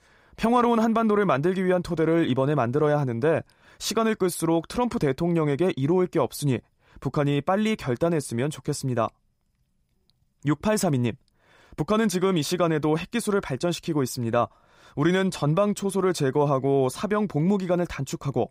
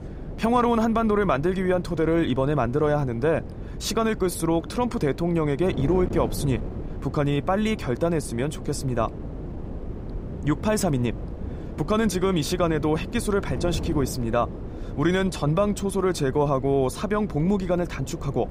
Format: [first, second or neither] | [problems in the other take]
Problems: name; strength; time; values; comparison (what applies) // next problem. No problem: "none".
first | wind noise on the microphone; occasional gusts; 15 dB below the speech